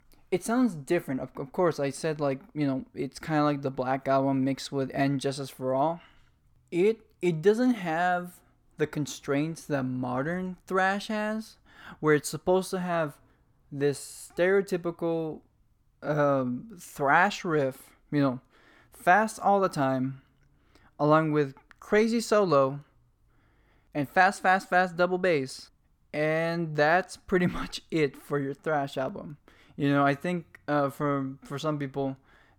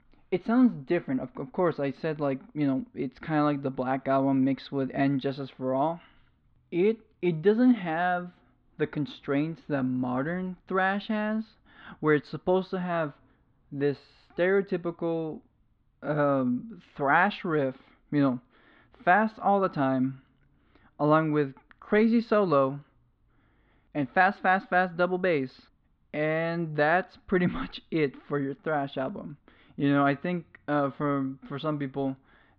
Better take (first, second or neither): first